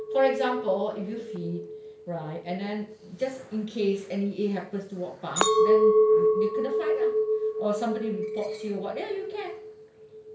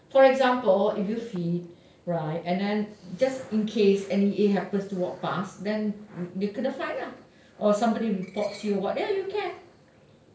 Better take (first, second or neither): second